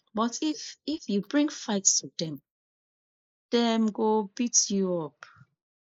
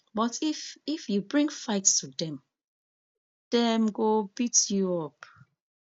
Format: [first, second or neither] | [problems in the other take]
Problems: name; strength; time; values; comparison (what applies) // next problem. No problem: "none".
second | noise reduction (neural mask model Resemble Enhance denoiser)